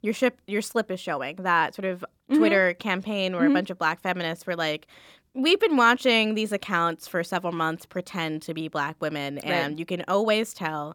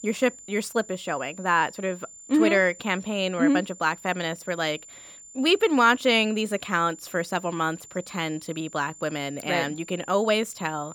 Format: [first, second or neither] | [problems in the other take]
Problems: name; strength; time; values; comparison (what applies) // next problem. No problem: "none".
first | high-pitched whine; noticeable; throughout; 7 kHz, 20 dB below the speech